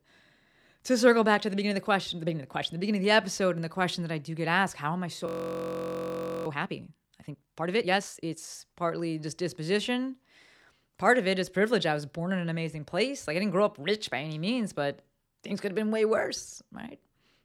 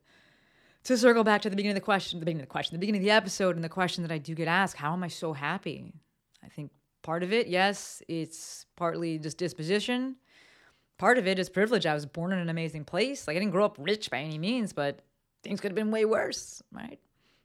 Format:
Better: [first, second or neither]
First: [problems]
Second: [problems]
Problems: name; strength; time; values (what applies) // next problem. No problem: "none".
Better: second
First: audio freezing; at 5.5 s for 1 s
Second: none